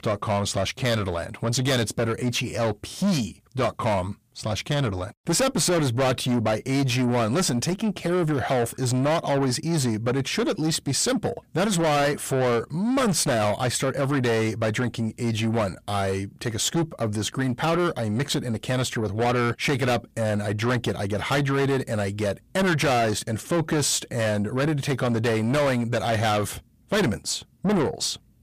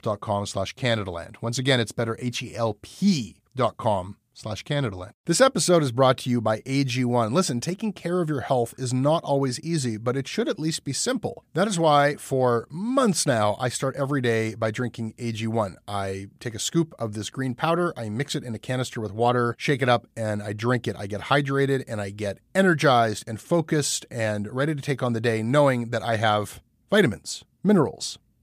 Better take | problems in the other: second | distortion; heavy; 6 dB below the speech

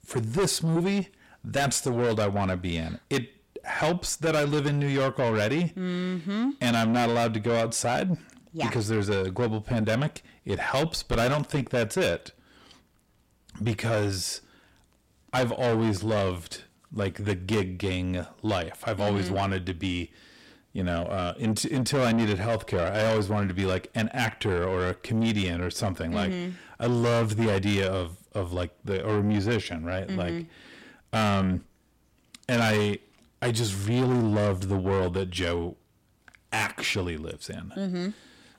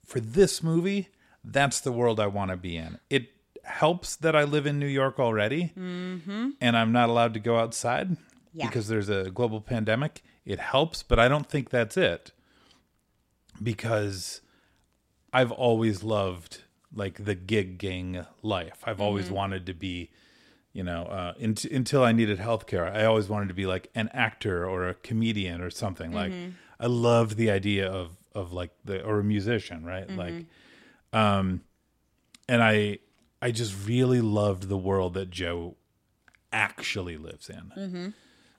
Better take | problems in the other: second | distortion; heavy; 7 dB below the speech

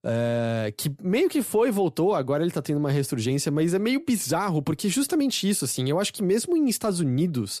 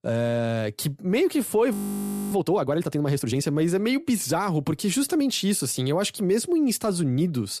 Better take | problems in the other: first | audio freezing; at 1.5 s for 0.5 s

